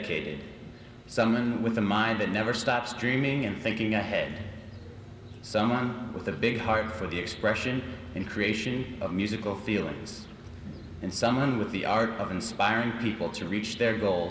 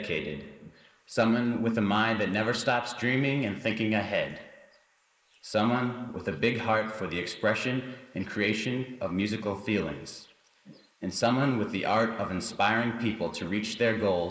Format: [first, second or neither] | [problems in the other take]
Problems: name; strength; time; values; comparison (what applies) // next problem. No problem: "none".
first | noise reduction (neural mask model Resemble Enhance denoiser)